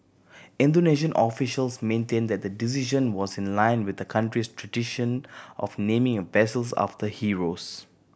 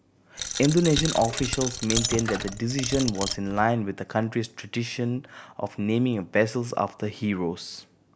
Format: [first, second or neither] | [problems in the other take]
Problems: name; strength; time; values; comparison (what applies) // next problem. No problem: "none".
first | background sound (Coin (dropping)); 5 dB below the speech